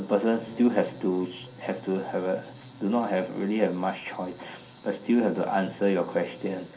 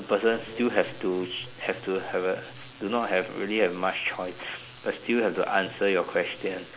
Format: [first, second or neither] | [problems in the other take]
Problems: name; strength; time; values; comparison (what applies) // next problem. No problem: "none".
second | room echo; dies away in 0.3 s